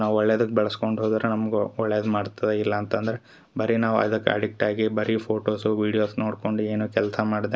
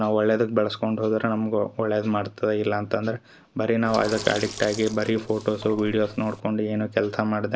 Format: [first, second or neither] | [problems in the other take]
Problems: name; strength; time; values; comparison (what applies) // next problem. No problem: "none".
first | background sound (Sink (filling or washing)); 14 dB below the speech